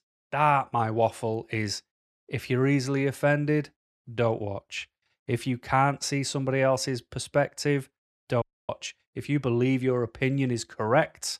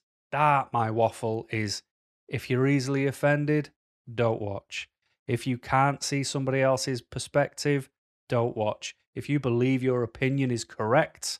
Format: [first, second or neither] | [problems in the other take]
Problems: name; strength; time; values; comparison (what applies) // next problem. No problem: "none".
second | audio cutting out; at 8.5 s